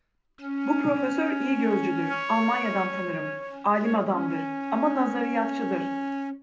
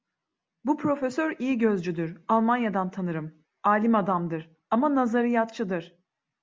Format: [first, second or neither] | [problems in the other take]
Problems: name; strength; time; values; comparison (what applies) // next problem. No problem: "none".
second | background sound (Wind instrument, woodwind instrument); 3 dB below the speech // room echo; dies away in 0.5 s